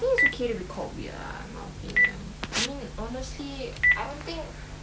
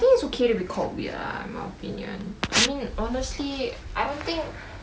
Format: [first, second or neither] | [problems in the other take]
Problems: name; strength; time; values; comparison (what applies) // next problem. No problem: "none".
second | background sound (Telephone); 3 dB above the speech